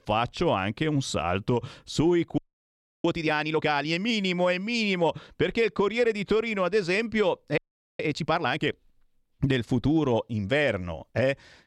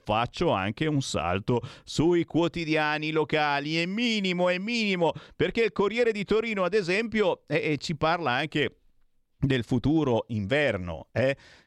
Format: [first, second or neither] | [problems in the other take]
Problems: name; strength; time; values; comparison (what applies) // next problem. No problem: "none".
second | audio freezing; at 2.5 s for 0.5 s and at 7.5 s